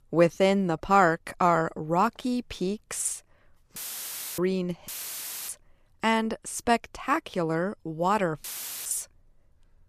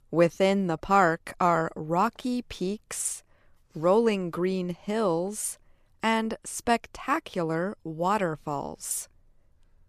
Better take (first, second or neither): second